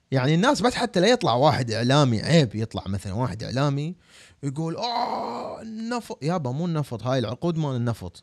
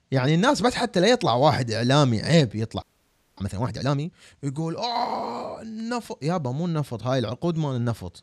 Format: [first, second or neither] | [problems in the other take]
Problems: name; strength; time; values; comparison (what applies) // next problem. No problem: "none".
first | audio freezing; at 3 s for 0.5 s